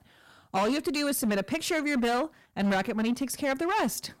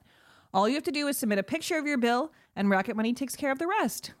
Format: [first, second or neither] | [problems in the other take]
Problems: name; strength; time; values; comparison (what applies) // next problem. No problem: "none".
second | distortion; slight; 13% of the sound clipped